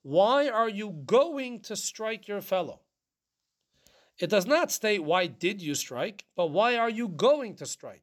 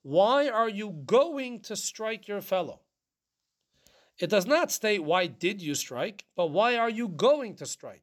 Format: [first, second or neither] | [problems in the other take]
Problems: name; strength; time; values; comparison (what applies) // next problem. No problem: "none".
neither | none